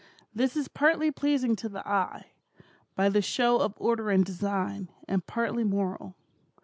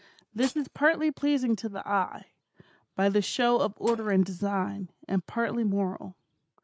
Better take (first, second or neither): first